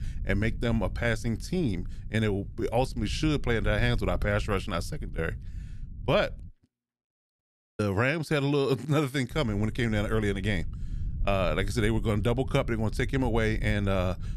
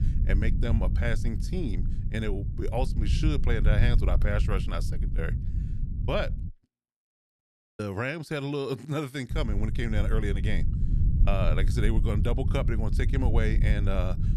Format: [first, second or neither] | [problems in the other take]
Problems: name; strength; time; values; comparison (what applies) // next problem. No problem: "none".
first | low rumble; loud; until 6.5 s and from 9.5 s on; 10 dB below the speech; faint in the first